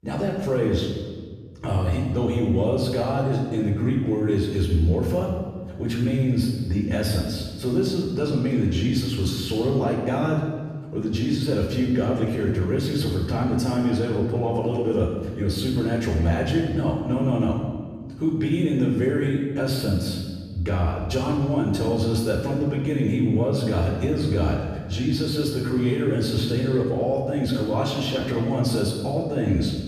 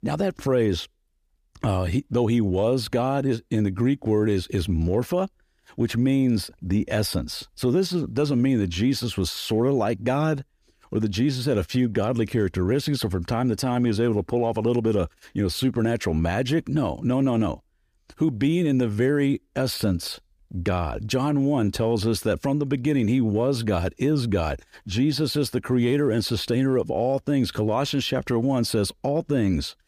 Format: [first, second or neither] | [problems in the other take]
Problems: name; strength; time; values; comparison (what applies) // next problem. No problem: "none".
second | off-mic speech; far // room echo; noticeable; dies away in 1.3 s